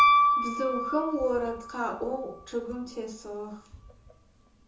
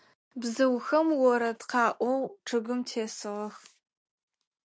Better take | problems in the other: second | background sound (Piano); 4 dB above the speech // room echo; dies away in 0.6 s

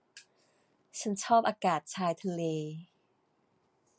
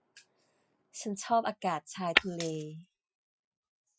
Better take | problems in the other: first | noise reduction (classical method Wiener filter)

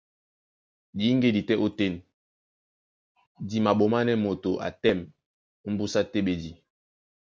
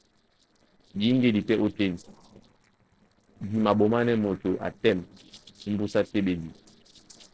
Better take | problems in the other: first | noise reduction (neural separator model SepFormer DNS4)

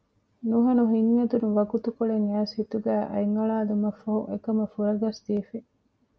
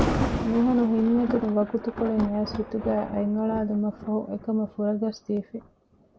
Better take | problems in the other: first | background sound (Thunder); 7 dB below the speech

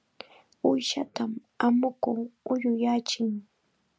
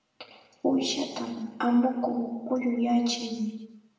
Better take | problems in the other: first | room echo; dies away in 1 s

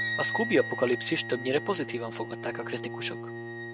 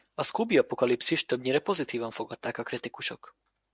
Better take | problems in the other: second | background sound (Wind instrument, woodwind instrument + Bowed string instrument); 5 dB below the speech

